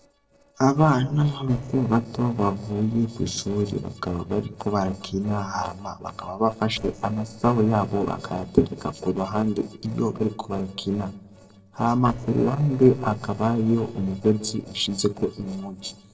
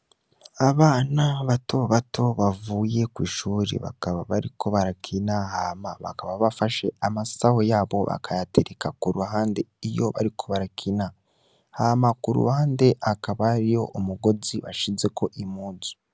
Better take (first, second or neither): second